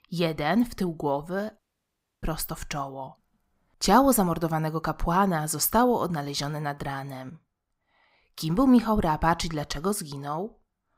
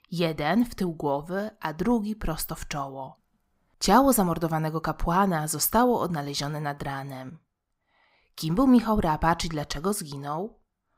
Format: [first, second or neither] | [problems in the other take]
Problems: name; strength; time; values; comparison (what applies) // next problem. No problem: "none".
second | audio cutting out; at 1.5 s for 0.5 s